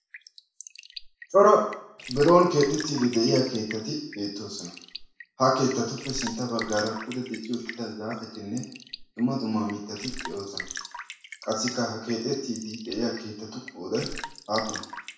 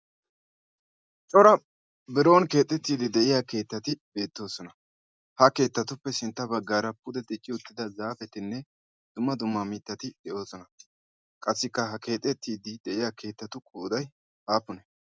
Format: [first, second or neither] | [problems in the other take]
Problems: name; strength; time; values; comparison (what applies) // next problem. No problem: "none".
second | background sound (Raindrop / Drip); 14 dB below the speech // room echo; dies away in 0.6 s